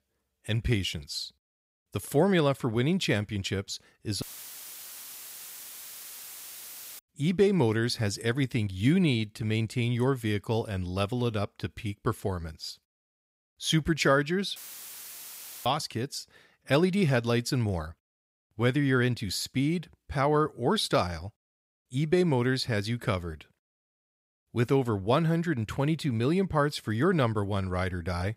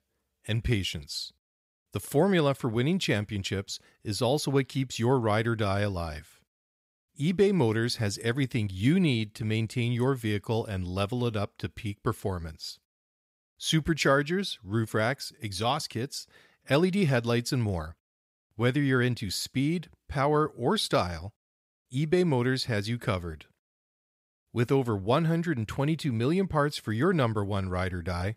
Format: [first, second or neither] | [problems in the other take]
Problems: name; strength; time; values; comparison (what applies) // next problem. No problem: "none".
second | audio cutting out; filled with static; at 4 s for 3 s and at 15 s for 1 s